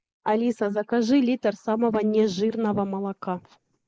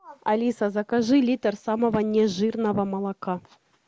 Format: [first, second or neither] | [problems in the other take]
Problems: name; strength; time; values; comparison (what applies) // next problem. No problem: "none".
second | noise reduction (neural mask model Resemble Enhance denoiser)